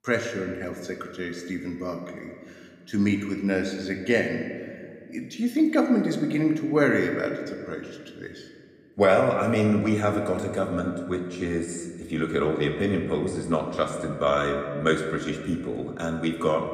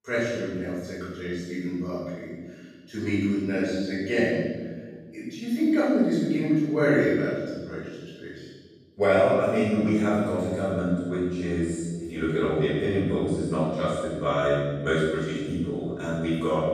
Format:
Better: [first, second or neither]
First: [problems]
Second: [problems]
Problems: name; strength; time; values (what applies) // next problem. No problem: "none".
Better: first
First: room echo; slight; dies away in 1.5 s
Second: room echo; strong; dies away in 1.4 s // off-mic speech; far